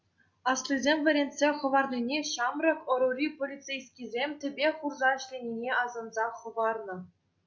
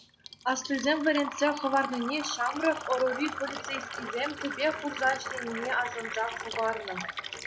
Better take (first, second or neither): first